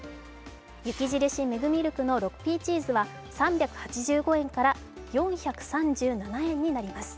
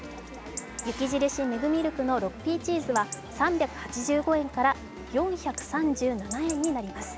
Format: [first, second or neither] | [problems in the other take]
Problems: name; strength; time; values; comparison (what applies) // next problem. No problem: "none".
first | background sound (Chatter / Chirp, tweet / Livestock, farm animals, working animals); 13 dB below the speech